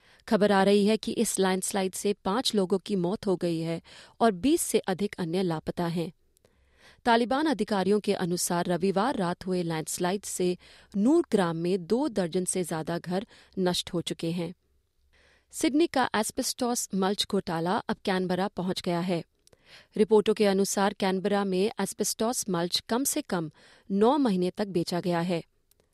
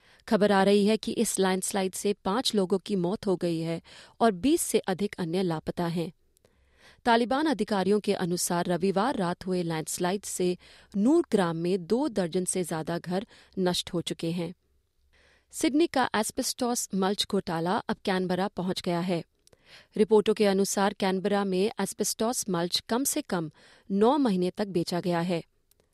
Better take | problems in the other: neither | none

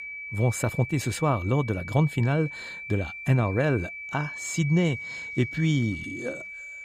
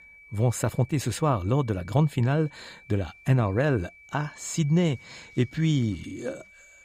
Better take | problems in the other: second | high-pitched whine; loud; throughout; 2.5 kHz, 9 dB below the speech; faint in the second

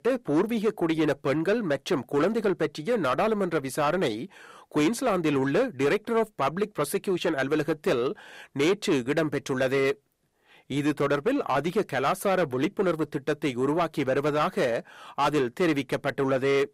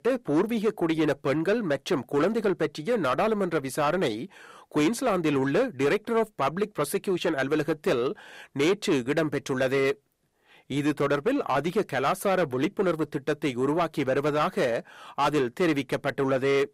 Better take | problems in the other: neither | distortion; slight; 10 dB below the speech; the same in both

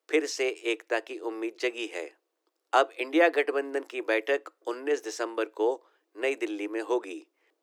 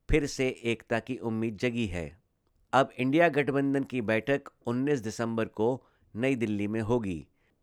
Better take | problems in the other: second | thin; very; fading below 300 Hz

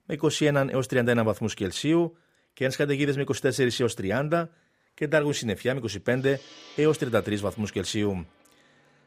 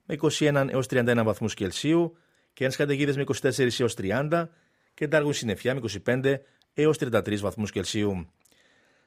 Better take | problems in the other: second | background music; faint; from 6.5 s on; 25 dB below the speech

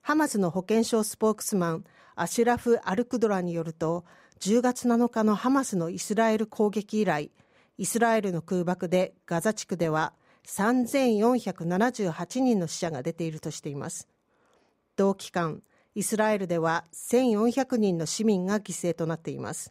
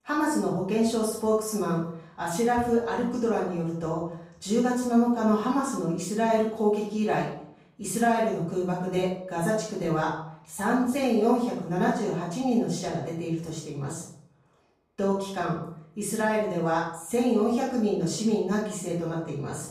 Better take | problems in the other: first | off-mic speech; far // room echo; noticeable; dies away in 0.6 s

